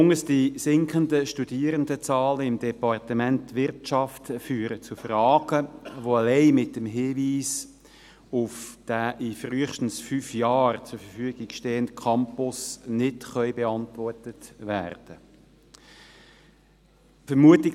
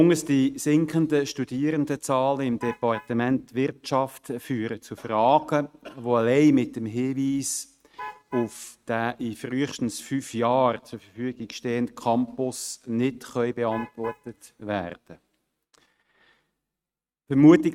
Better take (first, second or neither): first